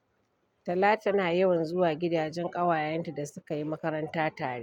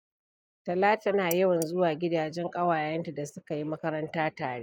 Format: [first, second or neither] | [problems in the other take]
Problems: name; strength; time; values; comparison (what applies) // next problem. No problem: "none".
first | noise reduction (neural mask model Resemble Enhance denoiser)